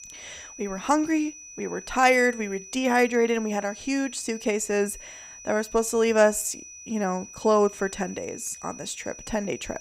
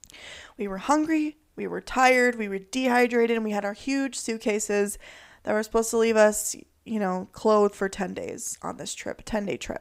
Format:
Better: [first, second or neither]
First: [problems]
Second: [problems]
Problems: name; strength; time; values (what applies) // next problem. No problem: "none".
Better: second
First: high-pitched whine; noticeable; throughout; 6 kHz, 15 dB below the speech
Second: none